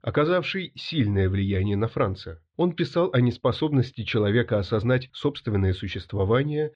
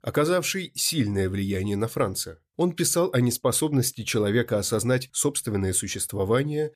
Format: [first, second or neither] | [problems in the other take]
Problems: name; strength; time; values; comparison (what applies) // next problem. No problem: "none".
second | muffled; slightly; fading above 4 kHz